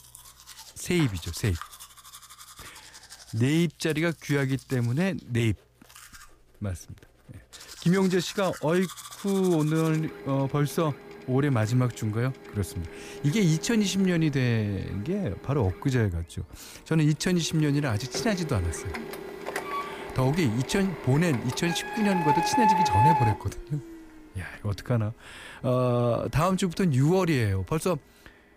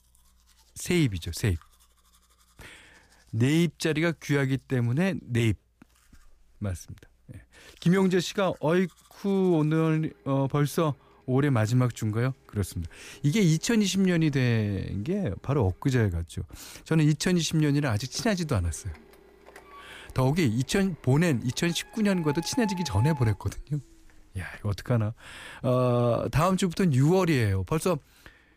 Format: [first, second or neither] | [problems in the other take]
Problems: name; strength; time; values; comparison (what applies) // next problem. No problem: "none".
second | household noises; loud; throughout; 6 dB below the speech; faint in the second